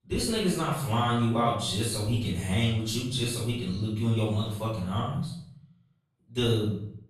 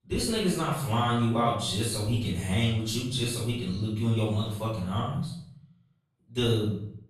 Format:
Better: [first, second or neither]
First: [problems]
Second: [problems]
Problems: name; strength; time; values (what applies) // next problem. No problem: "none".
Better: neither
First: off-mic speech; far // room echo; noticeable; dies away in 0.6 s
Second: off-mic speech; far // room echo; noticeable; dies away in 0.6 s